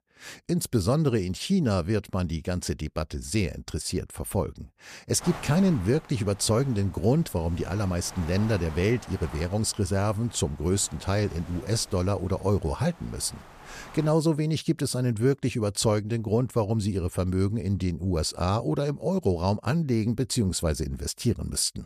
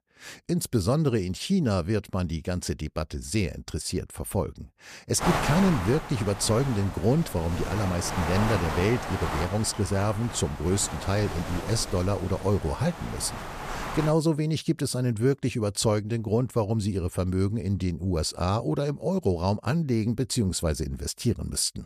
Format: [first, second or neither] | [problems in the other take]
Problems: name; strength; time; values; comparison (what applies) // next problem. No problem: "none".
first | wind noise on the microphone; heavy; from 5 to 14 s; 3 dB below the speech; occasional gusts in the first